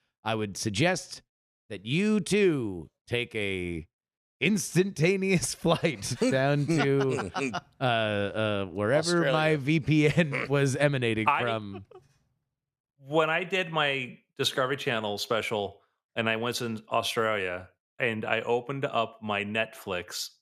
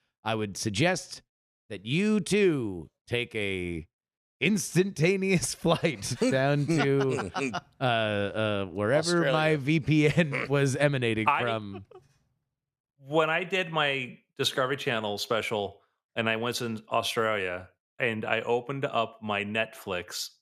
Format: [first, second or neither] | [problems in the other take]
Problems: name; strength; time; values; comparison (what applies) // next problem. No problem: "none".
neither | none